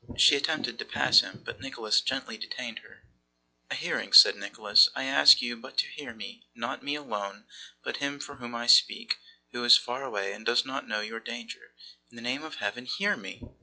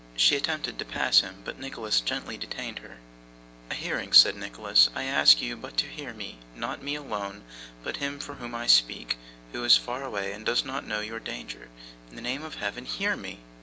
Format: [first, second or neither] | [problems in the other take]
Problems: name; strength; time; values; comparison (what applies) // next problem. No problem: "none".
second | noise reduction (classical method log-MMSE)